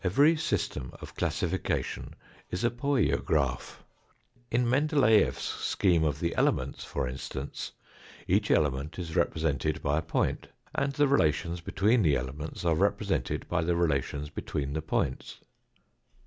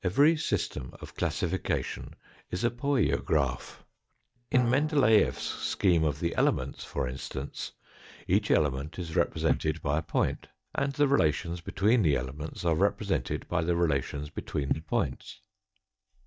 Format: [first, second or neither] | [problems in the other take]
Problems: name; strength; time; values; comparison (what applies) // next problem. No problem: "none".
first | noise reduction (neural mask model DeepFilterNet 3)